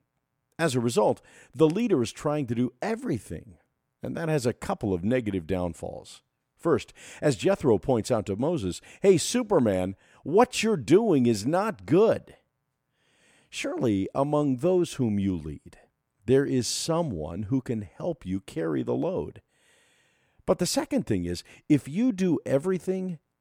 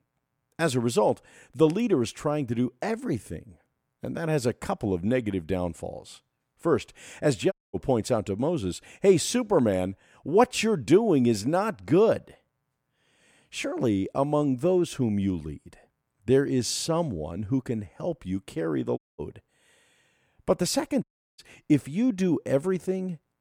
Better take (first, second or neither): first